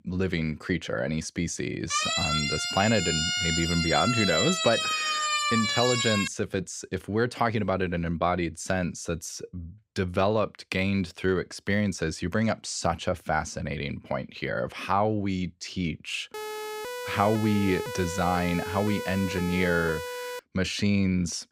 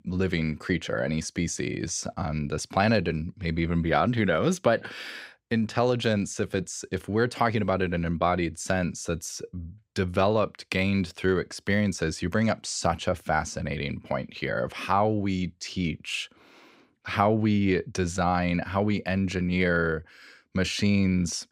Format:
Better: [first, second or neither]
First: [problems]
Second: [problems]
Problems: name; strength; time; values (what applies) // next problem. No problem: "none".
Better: second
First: siren; loud; from 2 to 6.5 s; peak 3 dB above the speech // siren; noticeable; from 16 to 20 s; peak 7 dB below the speech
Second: none